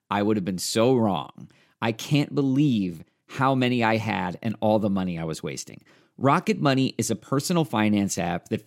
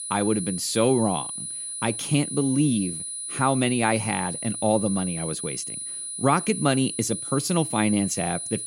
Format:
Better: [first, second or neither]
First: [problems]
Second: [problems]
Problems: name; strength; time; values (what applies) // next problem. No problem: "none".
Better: first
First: none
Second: high-pitched whine; loud; throughout; 10 kHz, 6 dB below the speech